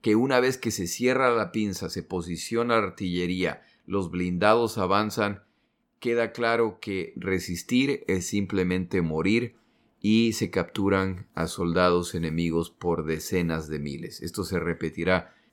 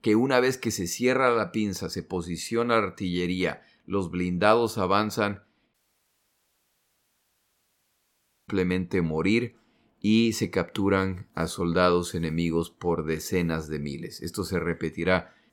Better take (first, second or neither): first